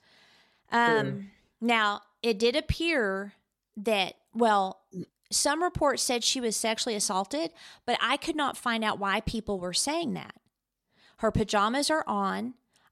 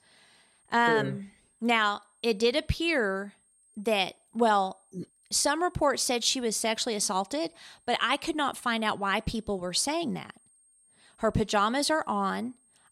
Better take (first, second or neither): first